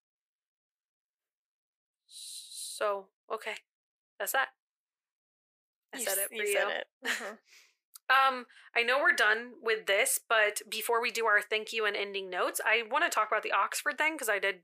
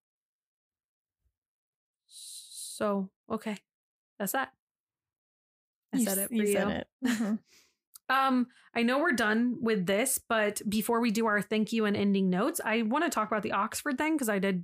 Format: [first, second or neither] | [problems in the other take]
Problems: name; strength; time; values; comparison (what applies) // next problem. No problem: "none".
second | thin; very; fading below 450 Hz